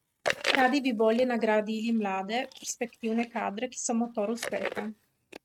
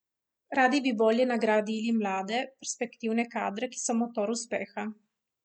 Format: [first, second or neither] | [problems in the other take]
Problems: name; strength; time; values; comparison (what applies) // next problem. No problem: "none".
second | noise reduction (neural mask model RNNoise)